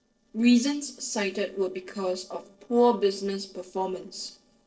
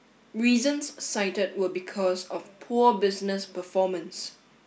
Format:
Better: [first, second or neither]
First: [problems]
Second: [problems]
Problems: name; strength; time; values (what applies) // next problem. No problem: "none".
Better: second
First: noise reduction (neural separator model SepFormer DNS4)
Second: none